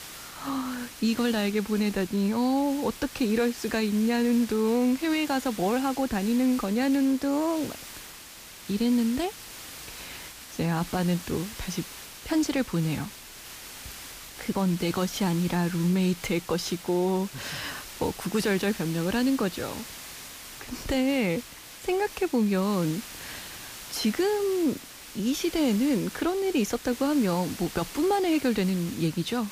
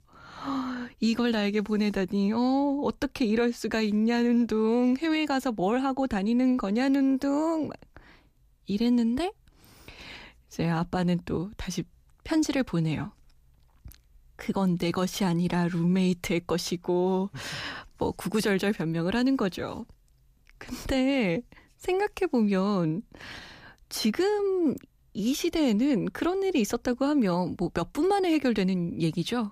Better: second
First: hiss; noticeable; throughout; 15 dB below the speech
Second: none

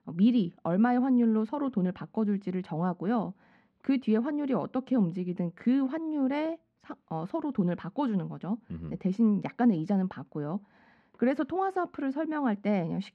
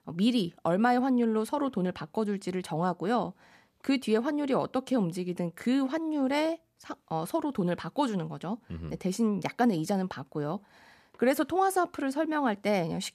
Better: second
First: muffled; slightly; fading above 2.5 kHz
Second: none

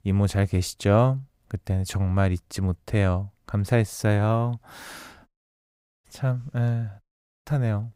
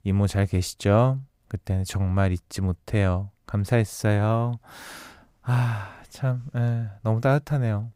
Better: second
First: audio cutting out; at 5.5 s for 1 s and at 7 s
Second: none

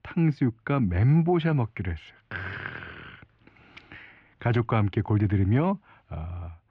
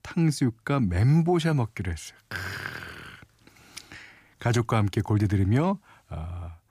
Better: second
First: muffled; very; fading above 3 kHz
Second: none

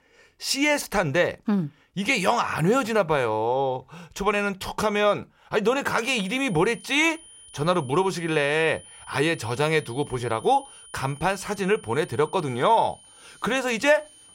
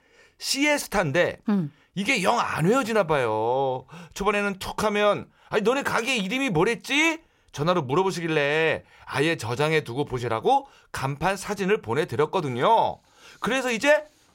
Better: second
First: high-pitched whine; faint; from 6 s on; 9.5 kHz, 20 dB below the speech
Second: none

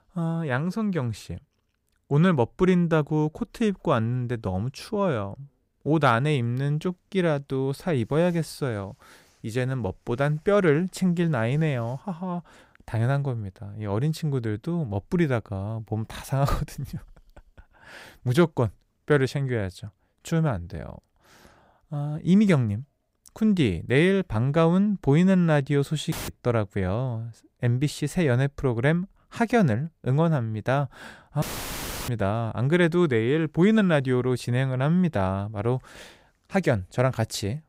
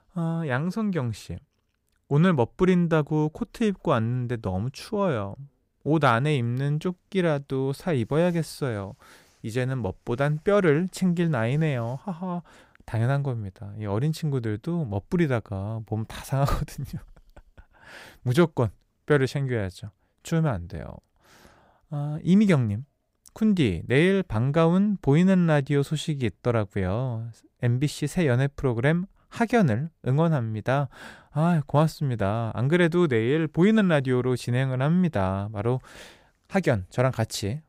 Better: second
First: audio cutting out; filled with static; at 26 s and at 31 s for 0.5 s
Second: none

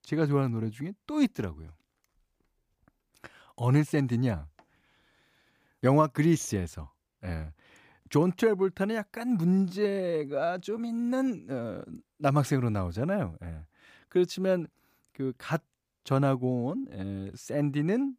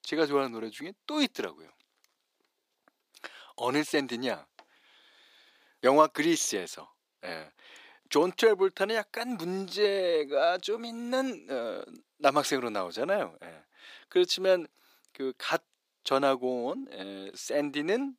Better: first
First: none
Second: thin; somewhat; fading below 350 Hz

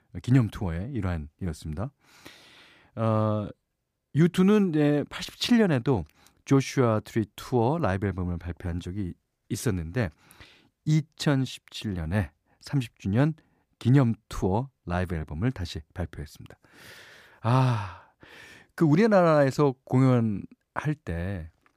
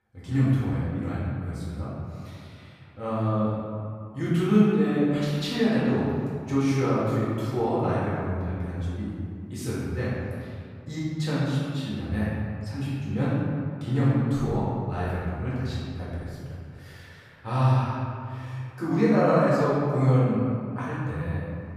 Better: first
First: none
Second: room echo; strong; dies away in 2.1 s // off-mic speech; far

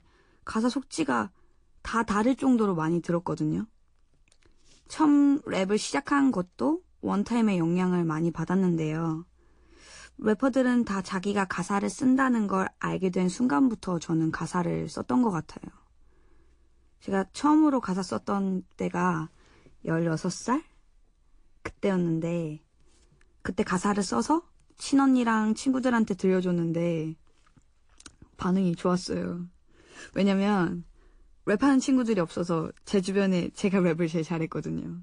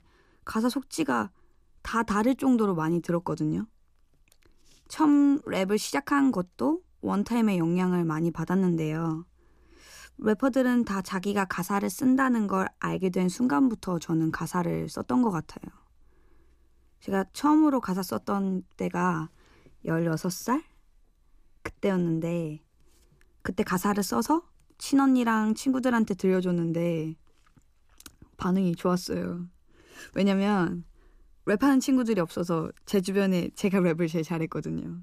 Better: second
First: garbled, watery; slightly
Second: none

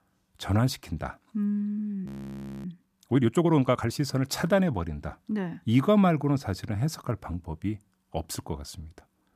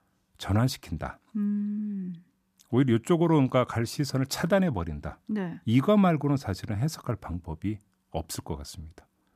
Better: second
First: audio freezing; at 2 s for 0.5 s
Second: none

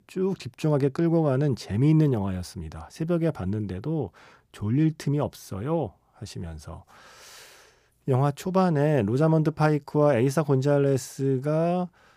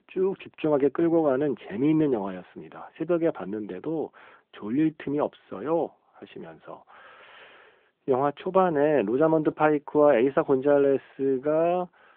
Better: first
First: none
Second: phone-call audio

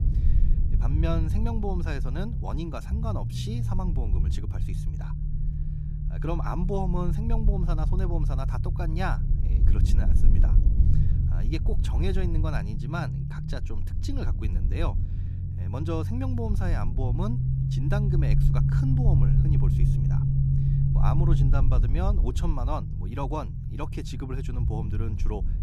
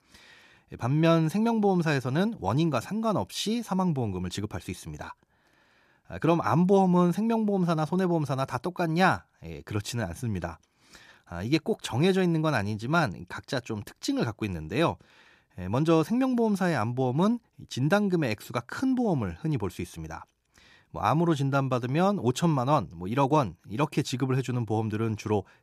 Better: second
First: low rumble; loud; throughout; 4 dB below the speech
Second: none

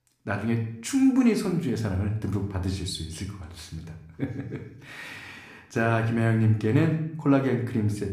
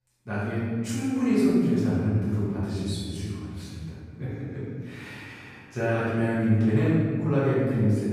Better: first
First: room echo; slight; dies away in 0.6 s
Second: room echo; strong; dies away in 1.8 s // off-mic speech; far

